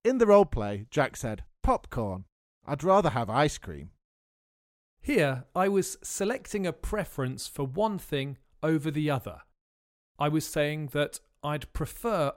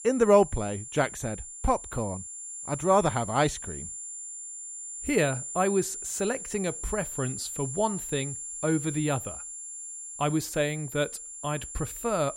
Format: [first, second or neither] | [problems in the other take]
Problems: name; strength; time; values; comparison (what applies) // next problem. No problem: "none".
first | high-pitched whine; loud; throughout; 7.5 kHz, 8 dB below the speech